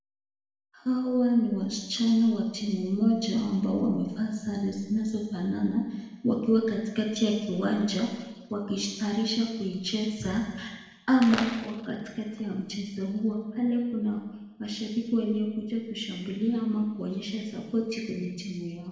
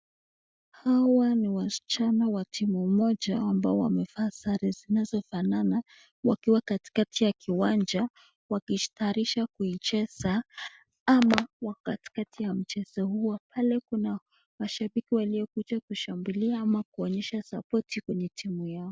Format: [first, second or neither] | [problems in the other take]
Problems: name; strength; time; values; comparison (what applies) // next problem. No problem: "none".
second | room echo; dies away in 1.1 s